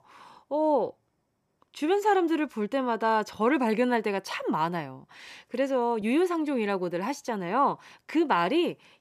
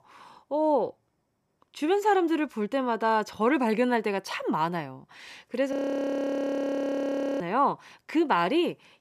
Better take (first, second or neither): first